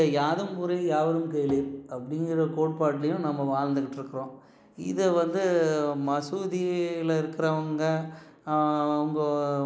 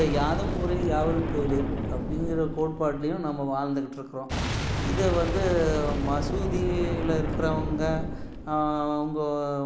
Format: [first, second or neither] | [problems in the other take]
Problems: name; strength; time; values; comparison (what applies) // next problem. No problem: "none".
first | background sound (Boom); 2 dB below the speech